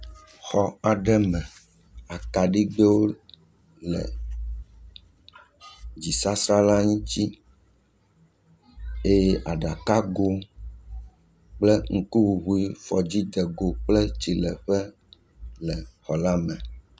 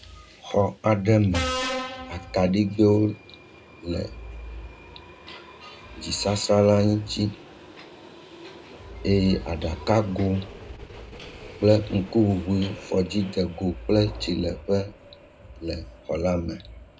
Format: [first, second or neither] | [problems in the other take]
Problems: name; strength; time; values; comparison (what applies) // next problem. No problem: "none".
first | background sound (Subway, metro, underground); 15 dB below the speech // room echo; dies away in 0.2 s